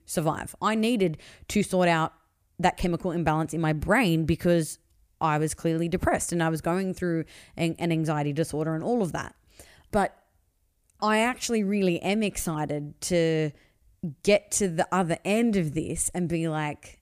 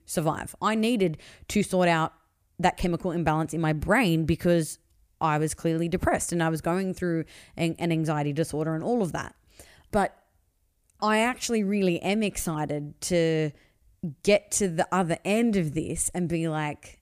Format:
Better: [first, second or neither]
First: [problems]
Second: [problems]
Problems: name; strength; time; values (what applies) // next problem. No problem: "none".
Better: neither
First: none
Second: none